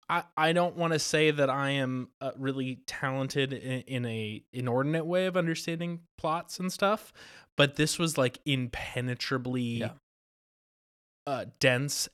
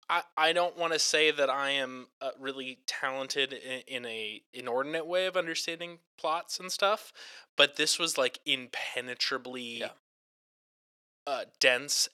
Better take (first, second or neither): first